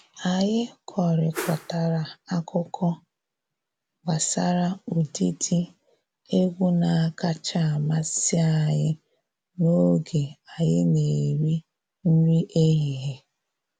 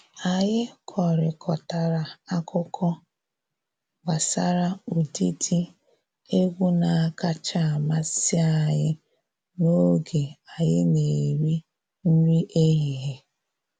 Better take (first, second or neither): second